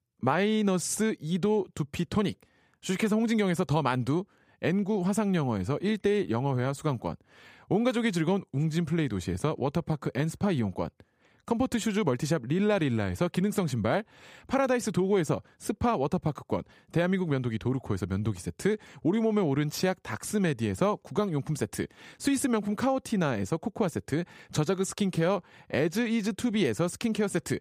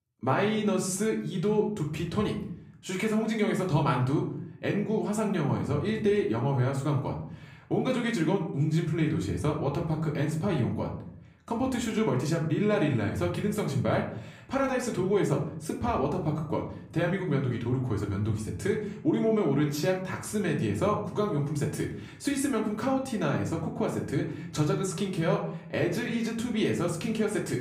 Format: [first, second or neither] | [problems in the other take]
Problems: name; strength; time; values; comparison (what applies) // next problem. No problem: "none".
first | room echo; slight; dies away in 0.6 s // off-mic speech; somewhat distant